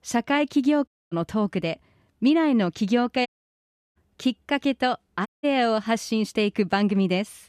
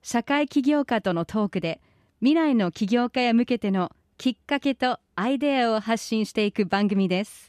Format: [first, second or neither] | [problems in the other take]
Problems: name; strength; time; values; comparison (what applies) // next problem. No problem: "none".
second | audio cutting out; at 1 s, at 3.5 s for 0.5 s and at 5.5 s